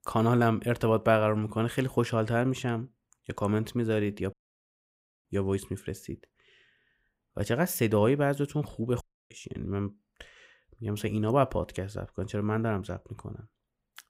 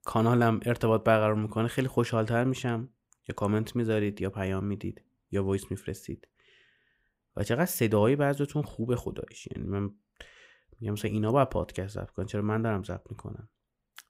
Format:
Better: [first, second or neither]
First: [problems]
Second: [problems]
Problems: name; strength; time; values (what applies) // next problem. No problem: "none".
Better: second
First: audio cutting out; at 4.5 s for 1 s and at 9 s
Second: none